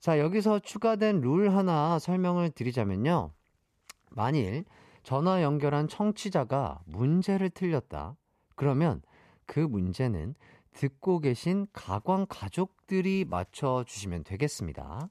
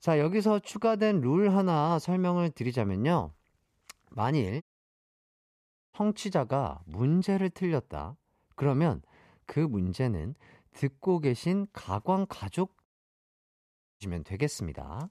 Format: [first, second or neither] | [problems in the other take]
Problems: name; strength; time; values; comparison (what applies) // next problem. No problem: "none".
first | audio cutting out; at 4.5 s for 1.5 s and at 13 s for 1 s